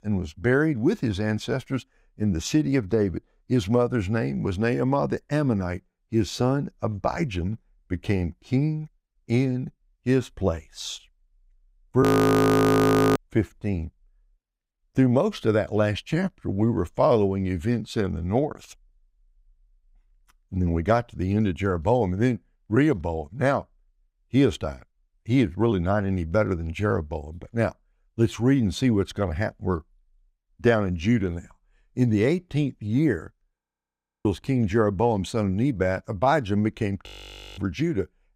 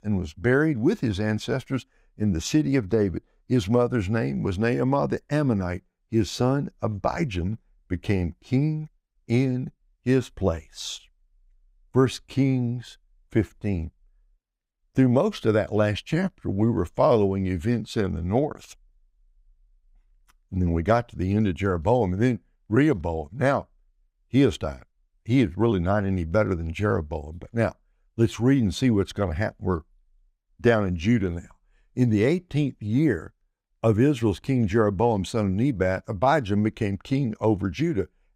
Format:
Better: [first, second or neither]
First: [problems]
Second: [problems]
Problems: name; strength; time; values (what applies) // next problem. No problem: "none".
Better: second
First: audio freezing; at 12 s for 1 s, at 34 s for 0.5 s and at 37 s for 0.5 s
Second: none